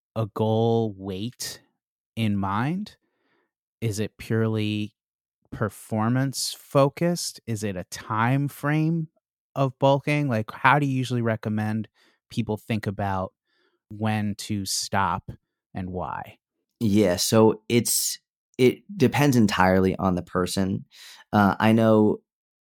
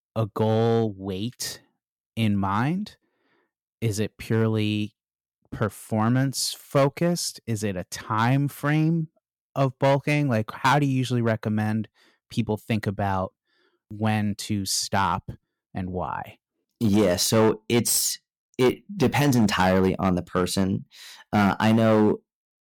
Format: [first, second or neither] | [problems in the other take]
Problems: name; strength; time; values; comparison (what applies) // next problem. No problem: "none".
first | distortion; slight; 4% of the sound clipped